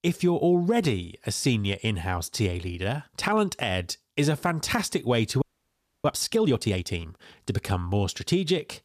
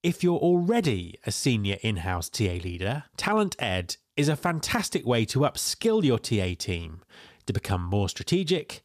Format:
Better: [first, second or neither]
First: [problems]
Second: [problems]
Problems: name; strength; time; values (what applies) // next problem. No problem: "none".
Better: second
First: audio freezing; at 5.5 s for 0.5 s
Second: none